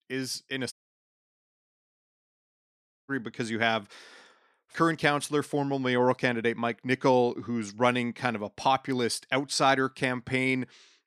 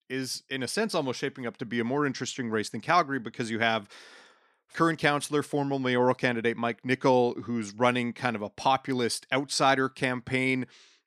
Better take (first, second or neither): second